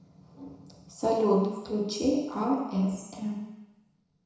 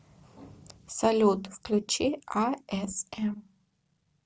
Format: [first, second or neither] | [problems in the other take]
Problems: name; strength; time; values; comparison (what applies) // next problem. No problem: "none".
second | room echo; dies away in 1 s